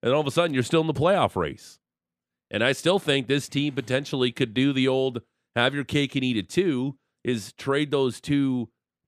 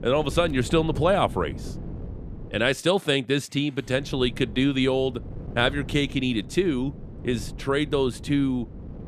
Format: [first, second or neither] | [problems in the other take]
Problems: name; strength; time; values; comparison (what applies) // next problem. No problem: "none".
first | wind noise on the microphone; occasional gusts; until 2.5 s and from 4 s on; 20 dB below the speech